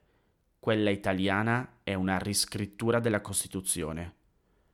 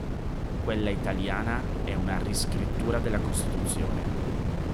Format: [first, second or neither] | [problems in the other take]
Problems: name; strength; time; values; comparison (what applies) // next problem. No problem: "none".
first | wind noise on the microphone; heavy; 3 dB below the speech